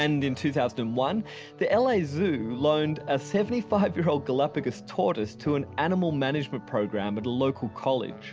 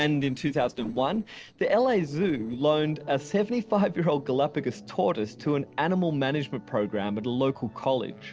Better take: first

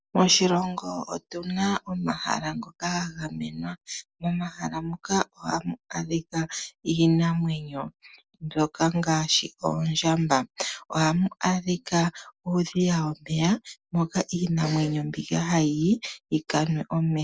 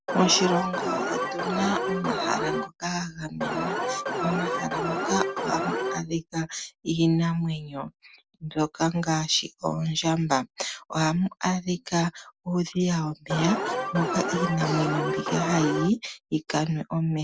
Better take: first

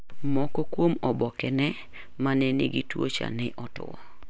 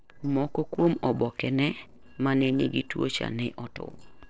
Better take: first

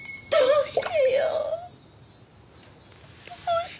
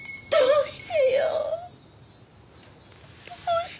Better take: second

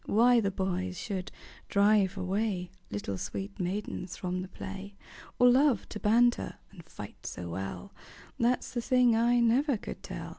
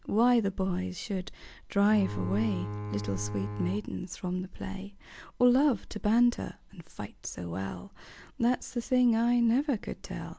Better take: first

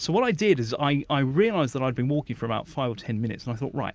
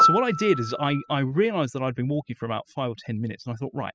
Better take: first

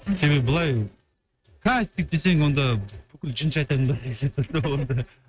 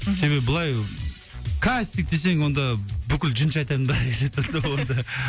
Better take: second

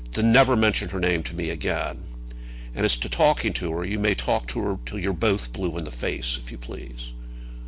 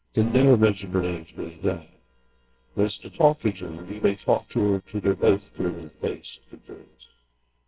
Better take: first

